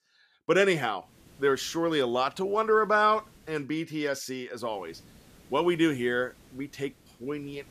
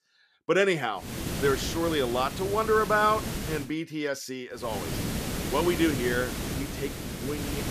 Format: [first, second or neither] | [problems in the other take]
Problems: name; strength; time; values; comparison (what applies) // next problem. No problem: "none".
first | hiss; loud; from 1 to 3.5 s and from 4.5 s on; 5 dB below the speech; faint in the first